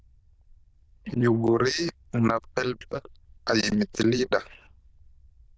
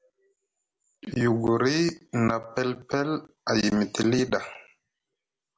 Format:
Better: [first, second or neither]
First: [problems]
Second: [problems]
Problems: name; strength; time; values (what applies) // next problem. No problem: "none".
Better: second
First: noise reduction (neural diffusion model UNIVERSE++)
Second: none